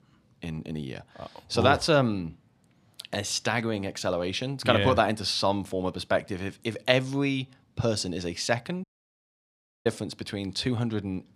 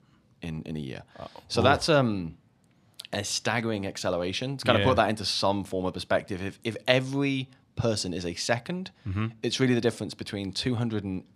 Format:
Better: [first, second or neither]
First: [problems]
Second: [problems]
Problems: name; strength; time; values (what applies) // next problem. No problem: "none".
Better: second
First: audio cutting out; at 9 s for 1 s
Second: none